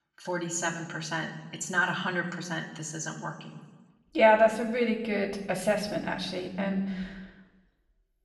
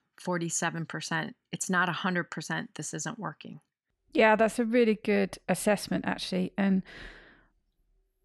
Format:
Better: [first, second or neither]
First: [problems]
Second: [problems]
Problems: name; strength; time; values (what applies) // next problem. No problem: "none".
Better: second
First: room echo; slight; dies away in 1 s // off-mic speech; somewhat distant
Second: none